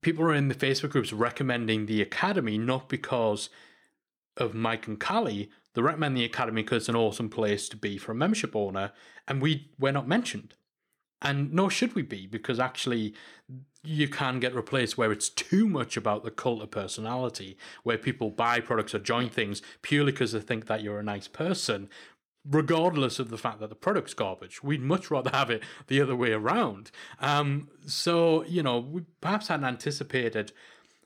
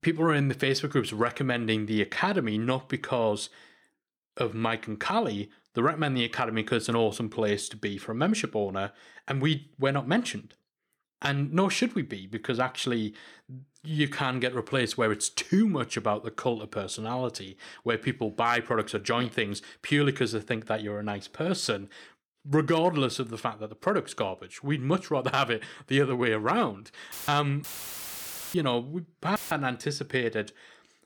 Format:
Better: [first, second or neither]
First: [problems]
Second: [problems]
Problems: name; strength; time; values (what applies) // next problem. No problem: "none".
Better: first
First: none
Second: audio cutting out; filled with static; at 27 s, at 28 s for 1 s and at 29 s